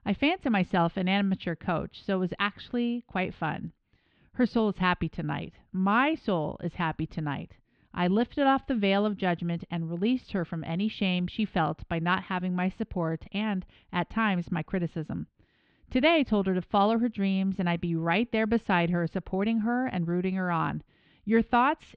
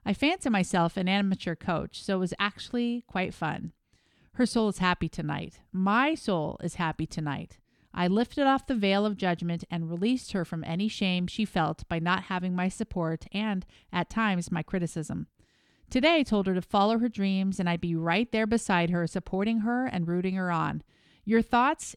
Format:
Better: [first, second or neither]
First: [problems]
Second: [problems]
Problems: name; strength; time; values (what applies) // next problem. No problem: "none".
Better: second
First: muffled; slightly; fading above 3.5 kHz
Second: none